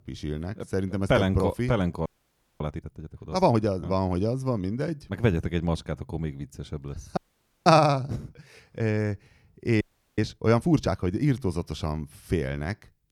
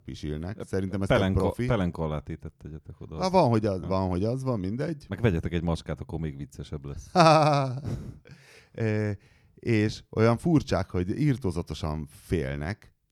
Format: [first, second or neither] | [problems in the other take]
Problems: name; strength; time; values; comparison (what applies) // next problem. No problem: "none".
second | audio freezing; at 2 s for 0.5 s, at 7 s and at 10 s